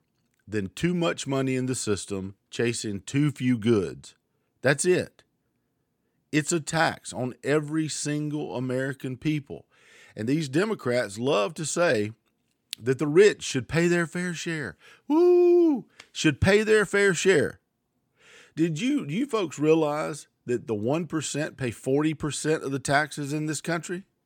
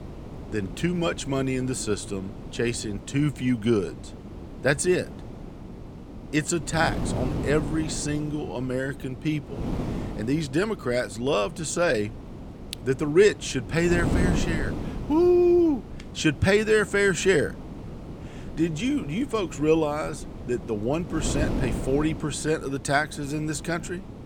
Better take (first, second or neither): first